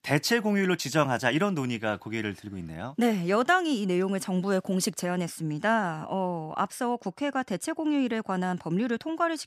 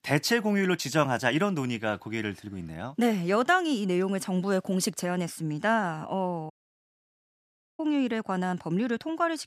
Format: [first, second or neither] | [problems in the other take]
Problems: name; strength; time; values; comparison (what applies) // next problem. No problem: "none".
first | audio cutting out; at 6.5 s for 1.5 s